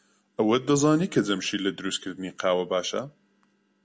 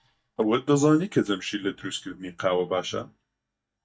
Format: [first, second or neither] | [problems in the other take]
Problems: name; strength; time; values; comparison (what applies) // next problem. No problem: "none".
first | noise reduction (neural mask model DeepFilterNet 3)